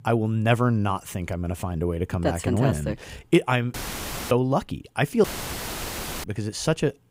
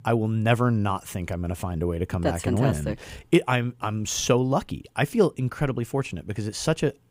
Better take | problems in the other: second | audio cutting out; filled with static; at 3.5 s for 0.5 s and at 5 s for 1 s

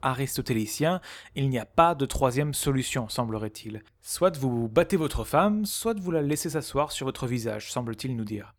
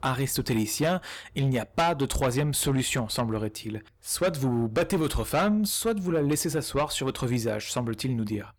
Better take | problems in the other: first | distortion; heavy; 7 dB below the speech

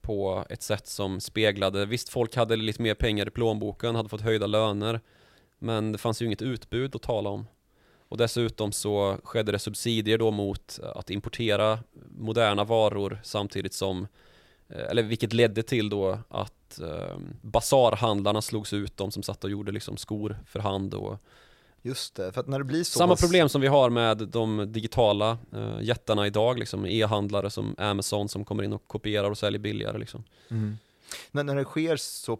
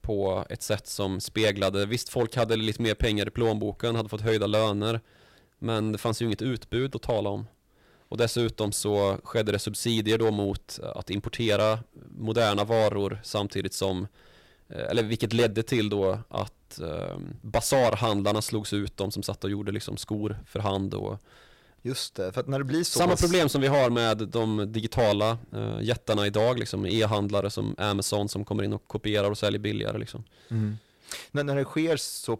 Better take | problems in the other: first | distortion; slight; 5% of the sound clipped

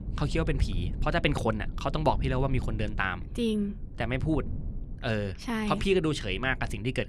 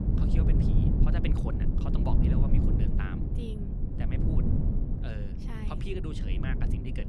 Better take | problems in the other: first | wind noise on the microphone; heavy; 3 dB above the speech; occasional gusts in the first

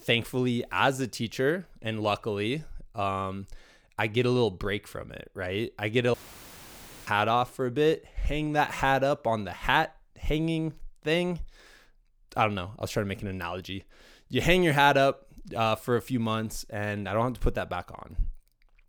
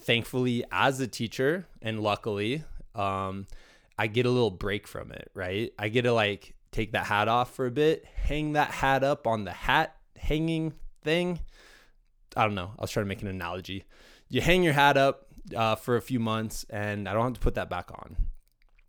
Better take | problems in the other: second | audio cutting out; filled with static; at 6 s for 1 s

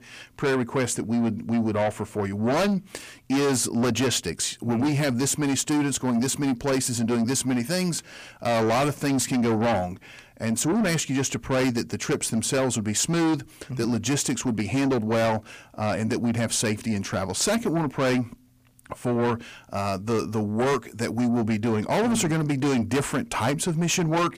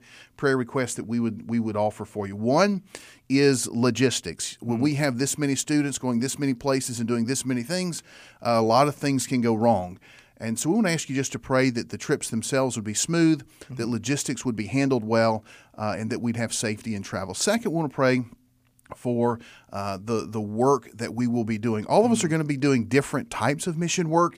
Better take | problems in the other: second | distortion; heavy; 7 dB below the speech

